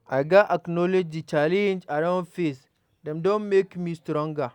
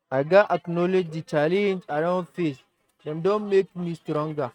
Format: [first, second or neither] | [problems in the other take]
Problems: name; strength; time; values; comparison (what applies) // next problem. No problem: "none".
first | noise reduction (neural mask model RNNoise)